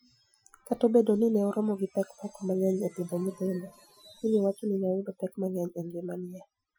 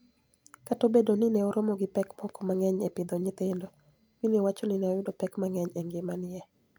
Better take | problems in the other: second | noise reduction (classical method Wiener filter)

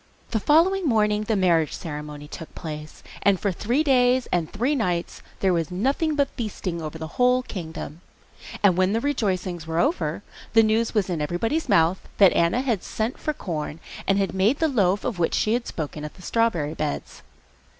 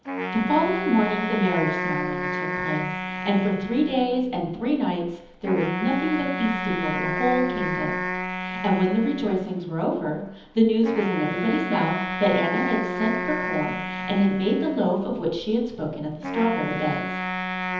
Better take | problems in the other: first | background sound (Wind instrument, woodwind instrument); 5 dB below the speech // room echo; dies away in 1.3 s

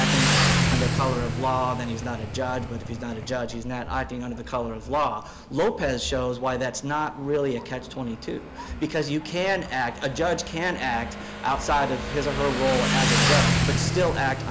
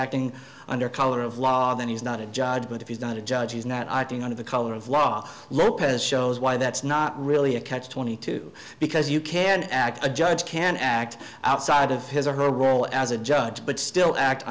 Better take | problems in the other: second | background sound (Motorcycle); 1 dB below the speech

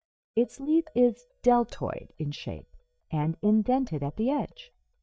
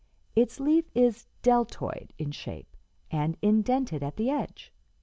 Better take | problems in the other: second | noise reduction (neural mask model DeepFilterNet 3)

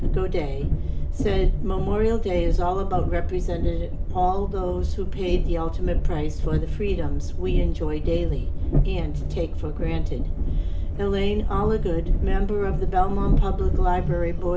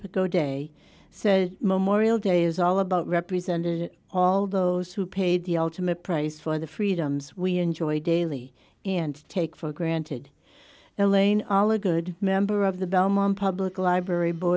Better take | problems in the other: second | background sound (Train); 5 dB above the speech // room echo; dies away in 0.4 s

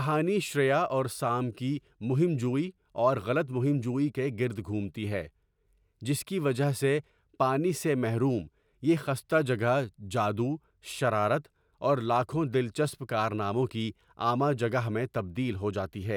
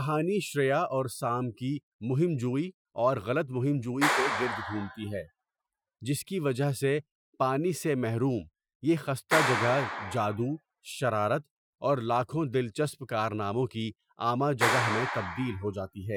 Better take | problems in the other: first | noise reduction (classical method Wiener filter)

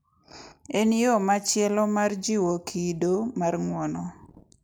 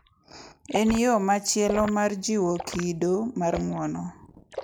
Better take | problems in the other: first | background sound (Liquid); 13 dB below the speech

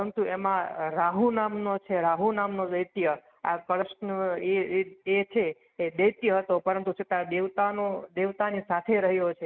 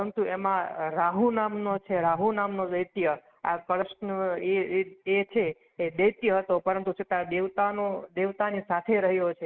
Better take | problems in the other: first | noise reduction (neural mask model Resemble Enhance denoiser)

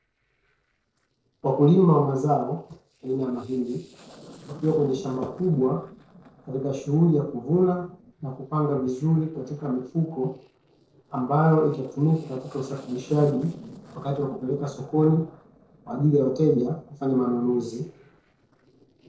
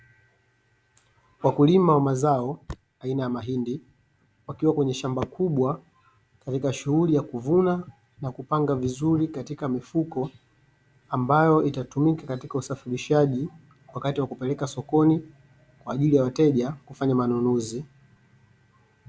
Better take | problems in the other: second | noise reduction (neural separator model SepFormer DNS4)

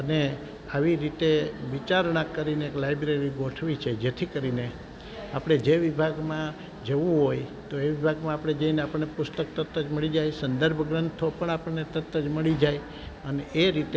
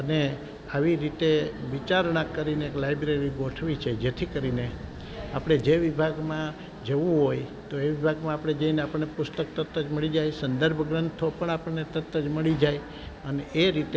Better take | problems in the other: first | background sound (Thunder / Rain); 19 dB below the speech

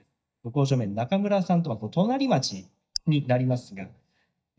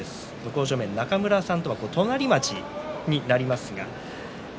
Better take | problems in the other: second | noise reduction (neural mask model DeepFilterNet 3)

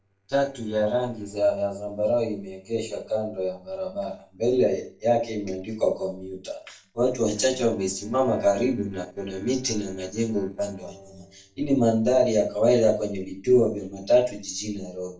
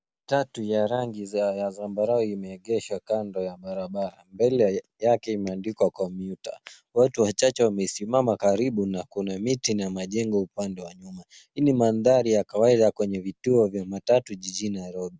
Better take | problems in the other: second | noise reduction (neural separator model SepFormer DNS4)

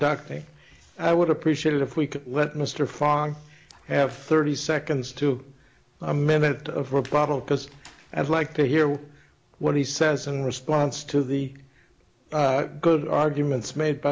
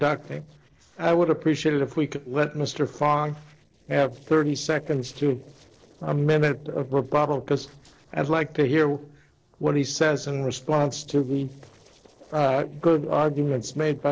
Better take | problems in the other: first | noise reduction (neural separator model SepFormer DNS4)

